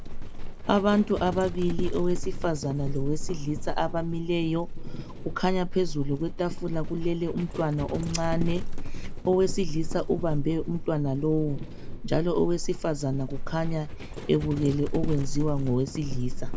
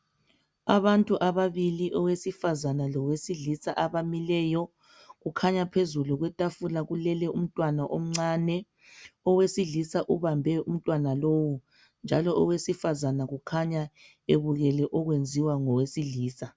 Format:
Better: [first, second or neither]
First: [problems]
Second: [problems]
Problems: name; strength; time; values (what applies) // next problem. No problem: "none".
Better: second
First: background sound (Livestock, farm animals, working animals); 2 dB below the speech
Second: none